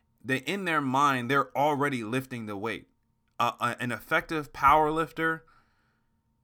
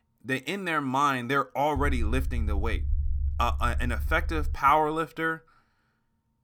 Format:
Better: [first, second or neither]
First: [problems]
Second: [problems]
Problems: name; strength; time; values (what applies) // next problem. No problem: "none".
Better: first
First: none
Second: low rumble; faint; from 2 to 4.5 s; 25 dB below the speech